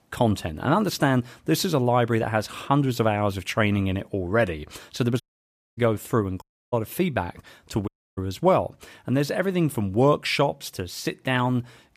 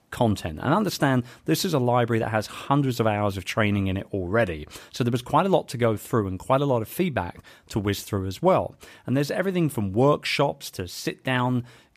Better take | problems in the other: second | audio cutting out; at 5 s for 0.5 s, at 6.5 s and at 8 s

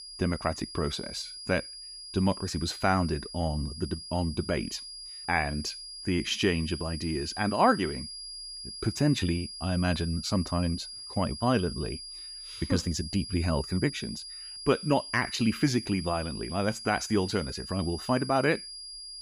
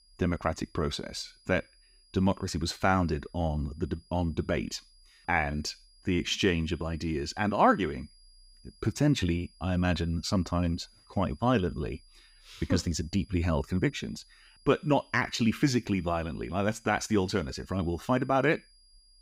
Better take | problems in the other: second | high-pitched whine; loud; throughout; 5 kHz, 10 dB below the speech; faint in the second

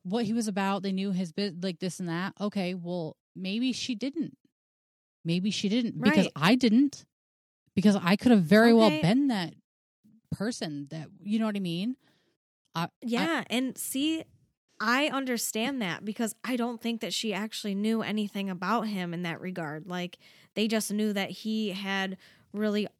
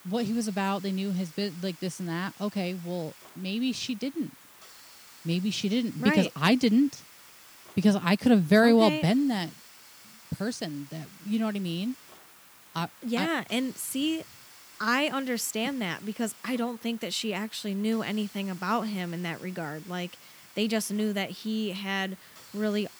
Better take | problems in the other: first | hiss; faint; throughout; 20 dB below the speech

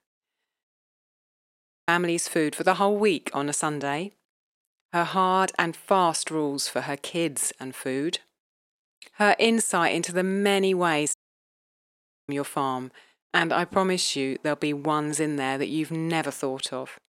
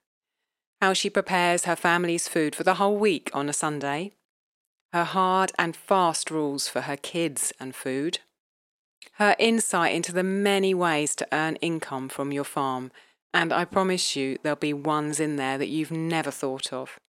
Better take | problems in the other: second | audio cutting out; at 0.5 s for 1 s and at 11 s for 1 s

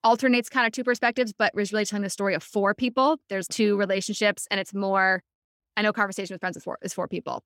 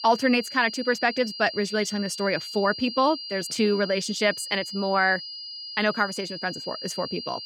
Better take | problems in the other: first | high-pitched whine; loud; throughout; 5 kHz, 9 dB below the speech

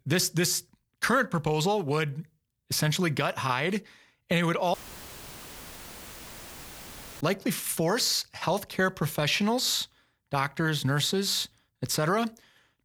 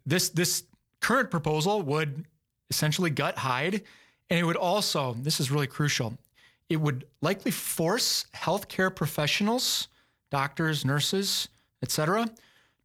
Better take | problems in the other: second | audio cutting out; filled with static; at 4.5 s for 2.5 s

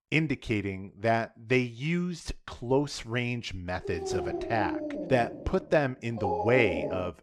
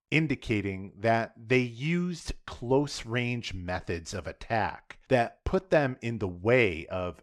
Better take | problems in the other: second | dog barking; noticeable; from 4 s on; peak 1 dB below the speech

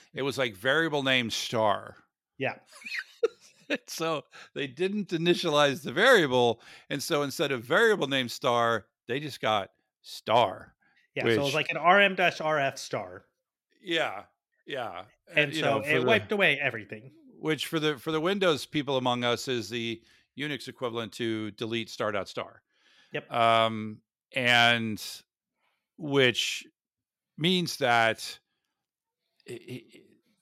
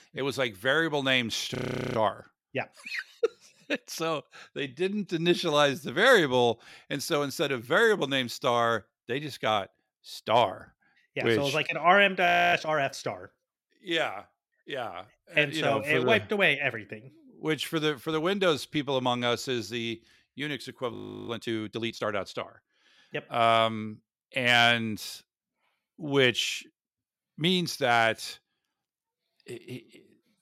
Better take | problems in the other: first | audio freezing; at 1.5 s, at 12 s and at 21 s

